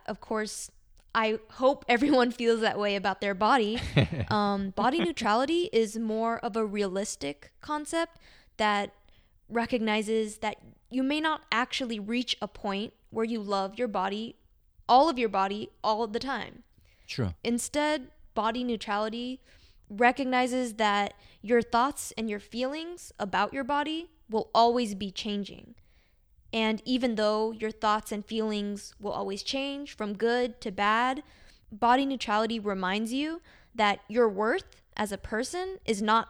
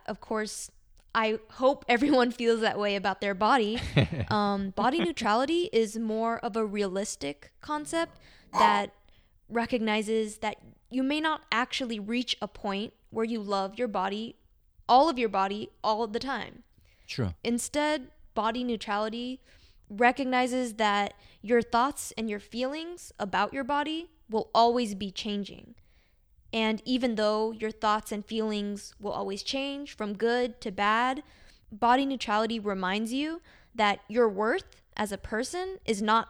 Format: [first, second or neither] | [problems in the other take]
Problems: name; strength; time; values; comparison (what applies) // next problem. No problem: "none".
first | dog barking; loud; at 8.5 s; peak 3 dB above the speech